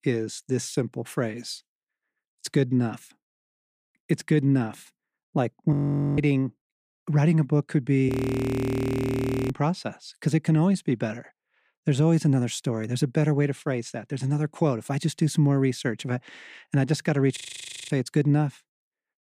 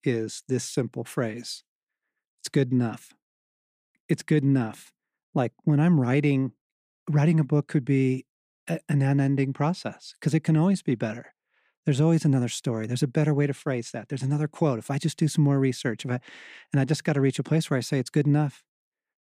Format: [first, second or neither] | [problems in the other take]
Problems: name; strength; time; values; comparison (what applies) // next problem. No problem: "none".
second | audio freezing; at 5.5 s, at 8 s for 1.5 s and at 17 s for 0.5 s